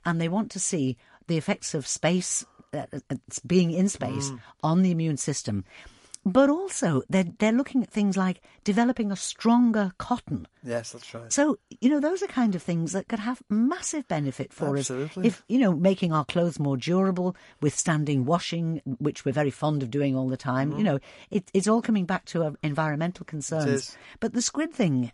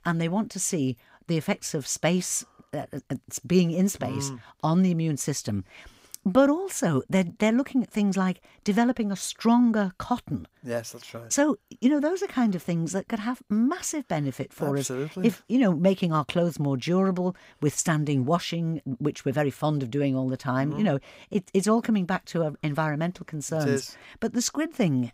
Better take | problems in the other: second | garbled, watery; slightly; nothing above 11 kHz

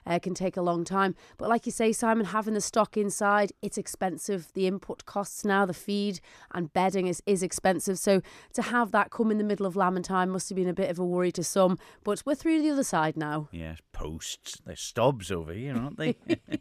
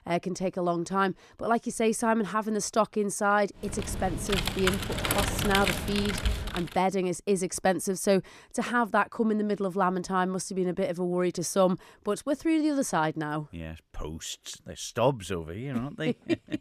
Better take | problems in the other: first | keyboard typing; loud; from 3.5 to 6.5 s; peak 1 dB above the speech

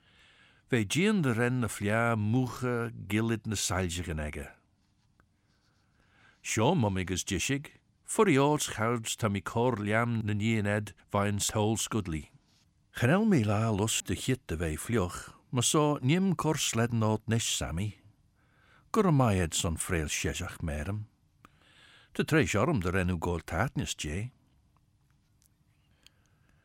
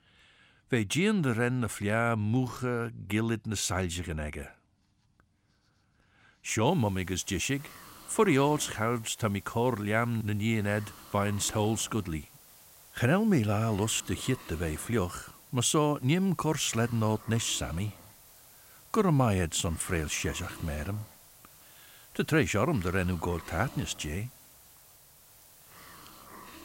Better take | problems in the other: first | hiss; faint; from 6.5 s on; 20 dB below the speech

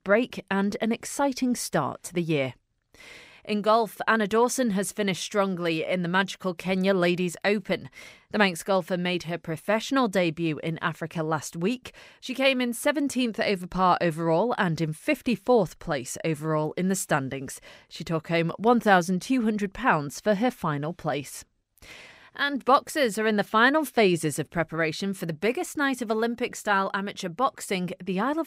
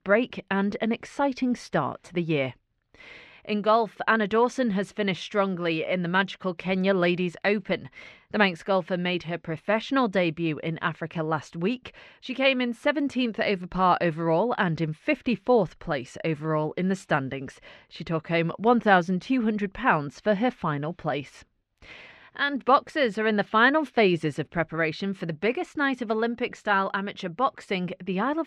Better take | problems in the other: first | muffled; slightly; fading above 3 kHz

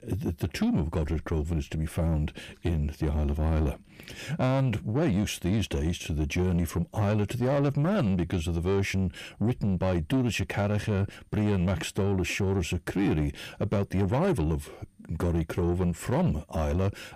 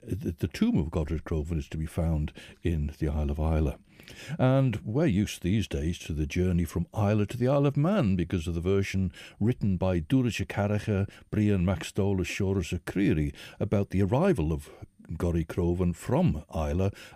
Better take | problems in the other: second | distortion; slight; 10 dB below the speech

